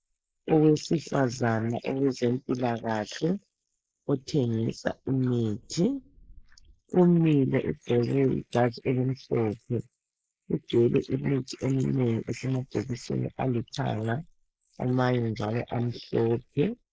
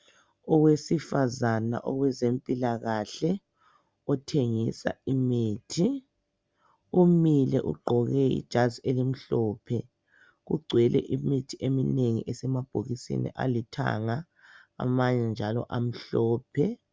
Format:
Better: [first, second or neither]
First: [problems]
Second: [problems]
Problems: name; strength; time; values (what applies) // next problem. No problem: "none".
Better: second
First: noise reduction (neural mask model Resemble Enhance denoiser)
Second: none